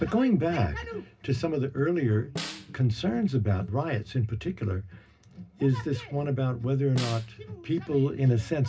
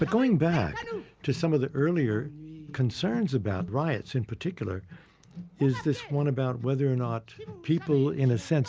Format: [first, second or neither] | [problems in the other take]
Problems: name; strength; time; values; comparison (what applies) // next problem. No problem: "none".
second | background sound (Snare drum); 14 dB below the speech // room echo; dies away in 0.4 s